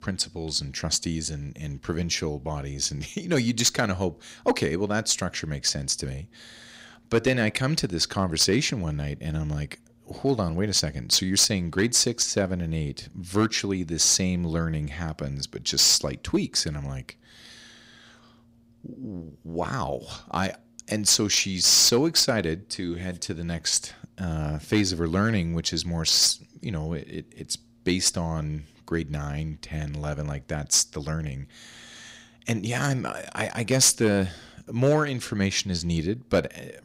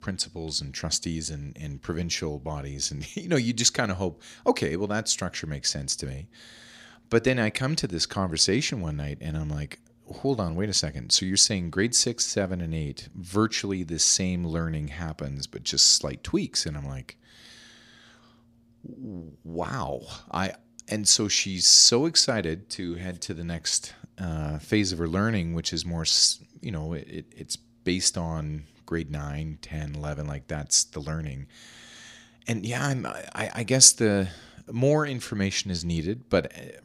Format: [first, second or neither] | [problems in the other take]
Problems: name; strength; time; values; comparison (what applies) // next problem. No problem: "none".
second | distortion; slight; 1.9% of the sound clipped